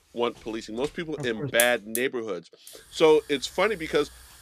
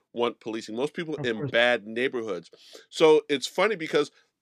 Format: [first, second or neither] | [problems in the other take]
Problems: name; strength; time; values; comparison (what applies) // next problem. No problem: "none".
second | hiss; loud; until 2 s and from 3 s on; 7 dB below the speech